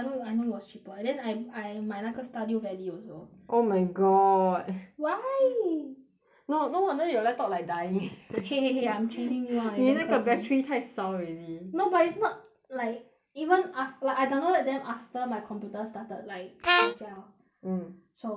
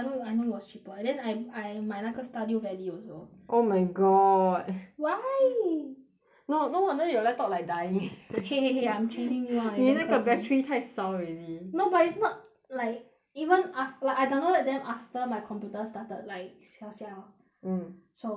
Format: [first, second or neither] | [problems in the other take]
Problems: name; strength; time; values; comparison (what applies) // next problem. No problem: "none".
second | background sound (Harmonica); 3 dB above the speech